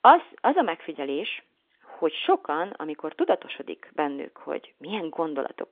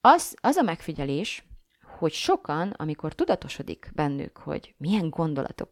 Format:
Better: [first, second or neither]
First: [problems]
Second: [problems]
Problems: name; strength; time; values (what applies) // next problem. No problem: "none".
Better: second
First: phone-call audio; nothing above 3.5 kHz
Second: none